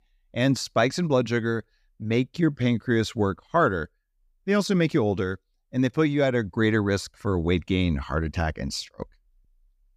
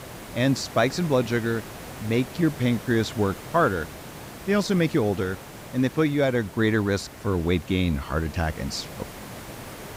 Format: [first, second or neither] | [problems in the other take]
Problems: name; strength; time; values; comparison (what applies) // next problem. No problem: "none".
first | hiss; noticeable; throughout; 15 dB below the speech